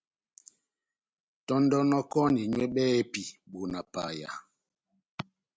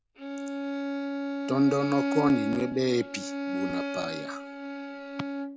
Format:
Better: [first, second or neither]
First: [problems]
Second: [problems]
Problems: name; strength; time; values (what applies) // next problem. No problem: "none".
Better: first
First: none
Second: background sound (Bowed string instrument); 2 dB below the speech